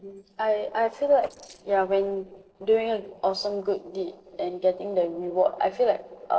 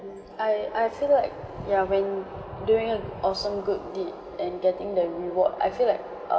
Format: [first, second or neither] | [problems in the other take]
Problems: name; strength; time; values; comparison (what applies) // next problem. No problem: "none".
second | noise reduction (neural separator model SepFormer DNS4)